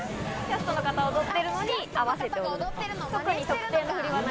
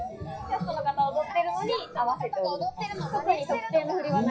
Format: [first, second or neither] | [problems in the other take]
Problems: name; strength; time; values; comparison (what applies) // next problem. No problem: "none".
first | noise reduction (classical method WPE with log-MMSE)